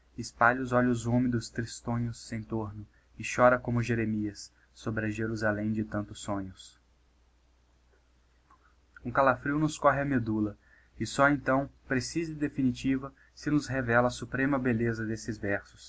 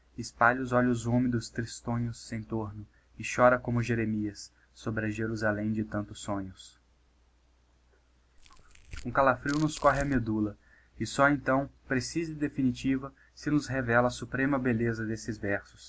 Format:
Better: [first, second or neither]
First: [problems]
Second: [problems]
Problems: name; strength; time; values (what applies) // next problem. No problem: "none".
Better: first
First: none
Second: background sound (Tearing); 14 dB below the speech